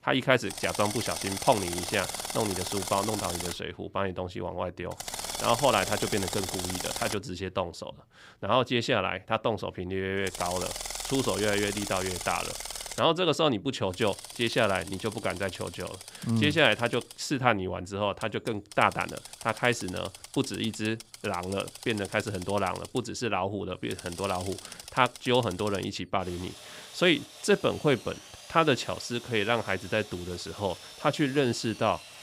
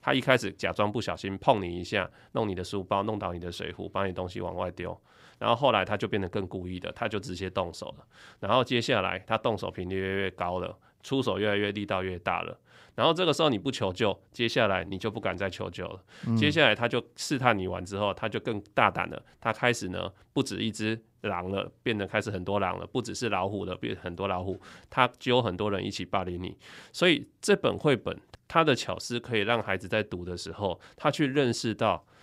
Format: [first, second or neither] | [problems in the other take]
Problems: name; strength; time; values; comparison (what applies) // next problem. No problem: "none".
second | machinery noise; loud; throughout; 9 dB below the speech